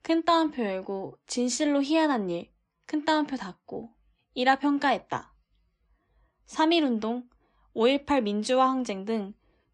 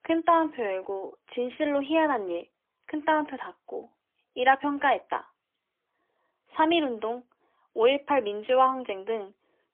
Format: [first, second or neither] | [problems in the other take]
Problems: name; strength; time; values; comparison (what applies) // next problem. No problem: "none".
first | phone-call audio; poor line; nothing above 3.5 kHz